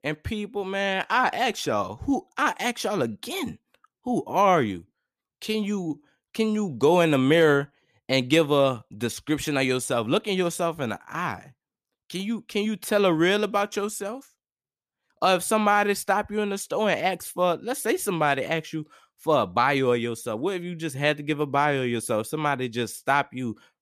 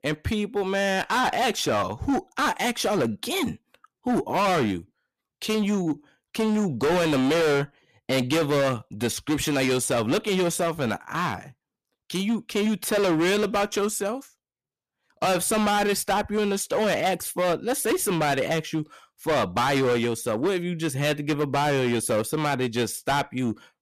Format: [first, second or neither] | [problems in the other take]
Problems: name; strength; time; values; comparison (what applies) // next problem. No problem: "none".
first | distortion; heavy; 17% of the sound clipped